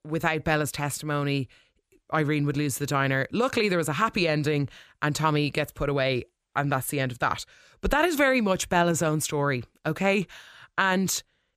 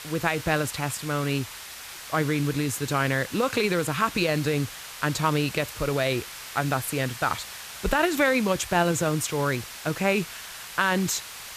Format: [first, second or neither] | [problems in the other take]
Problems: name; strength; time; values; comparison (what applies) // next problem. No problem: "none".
first | hiss; noticeable; throughout; 10 dB below the speech